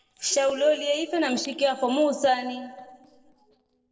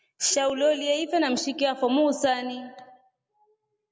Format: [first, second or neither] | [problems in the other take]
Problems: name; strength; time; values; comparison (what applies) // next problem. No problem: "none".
second | noise reduction (neural separator model SepFormer DNS4)